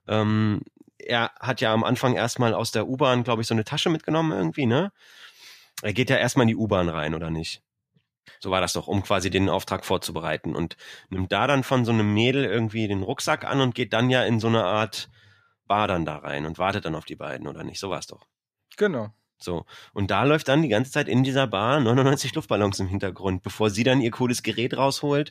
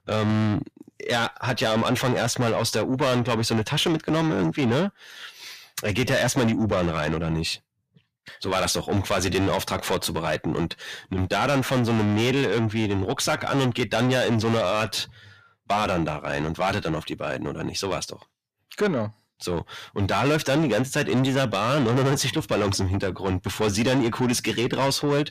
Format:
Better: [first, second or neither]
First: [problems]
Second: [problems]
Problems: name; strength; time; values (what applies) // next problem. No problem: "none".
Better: first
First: none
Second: distortion; heavy; 7 dB below the speech